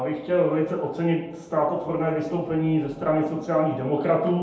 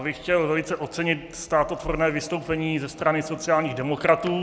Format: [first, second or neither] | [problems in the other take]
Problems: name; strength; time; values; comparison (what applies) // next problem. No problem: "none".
second | room echo; dies away in 0.8 s